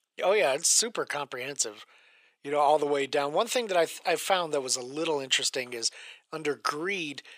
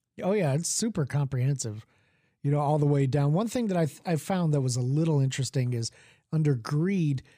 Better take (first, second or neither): second